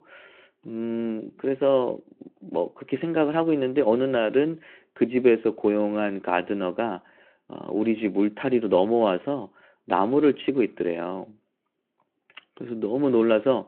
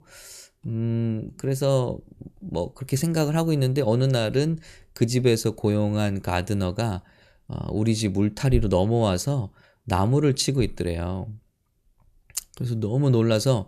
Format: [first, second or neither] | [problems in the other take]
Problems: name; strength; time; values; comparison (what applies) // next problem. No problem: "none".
second | phone-call audio